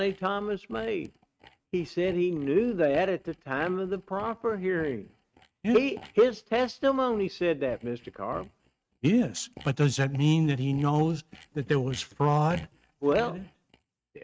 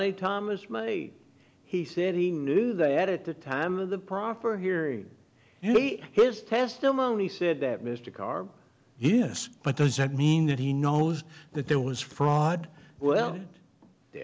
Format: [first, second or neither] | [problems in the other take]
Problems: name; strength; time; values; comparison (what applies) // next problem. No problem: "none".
second | noise reduction (neural mask model RNNoise)